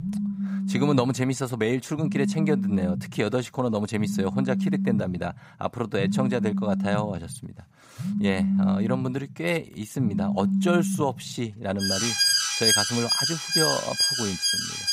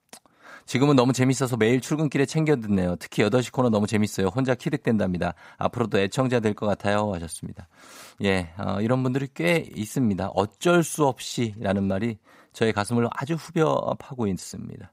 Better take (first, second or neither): second